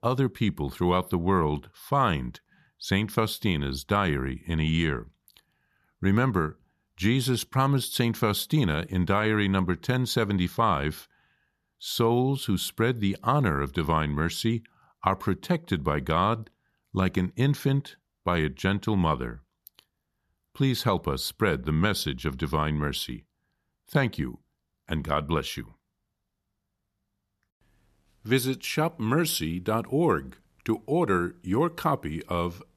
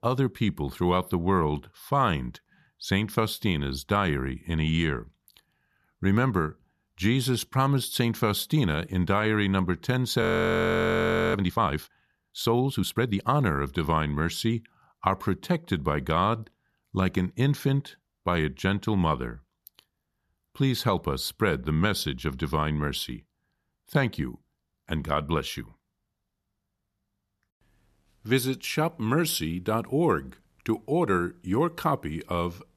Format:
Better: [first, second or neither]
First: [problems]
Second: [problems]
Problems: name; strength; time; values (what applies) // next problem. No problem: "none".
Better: first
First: none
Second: audio freezing; at 10 s for 1 s